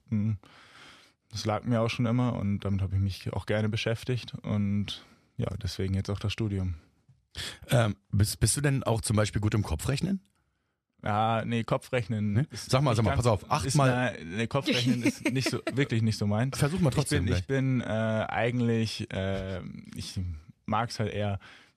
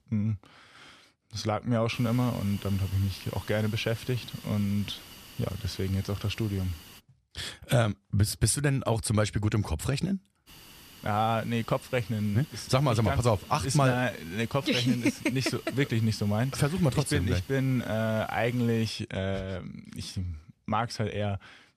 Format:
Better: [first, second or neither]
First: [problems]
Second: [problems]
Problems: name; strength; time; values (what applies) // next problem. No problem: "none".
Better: first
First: none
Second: hiss; noticeable; from 2 to 7 s and from 10 to 19 s; 20 dB below the speech